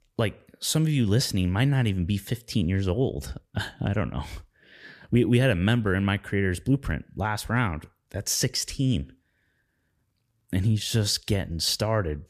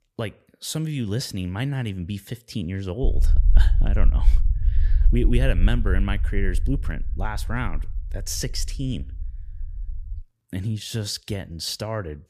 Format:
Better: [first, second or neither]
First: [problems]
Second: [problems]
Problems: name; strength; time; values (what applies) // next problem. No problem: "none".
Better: first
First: none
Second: low rumble; noticeable; from 3 to 10 s; 15 dB below the speech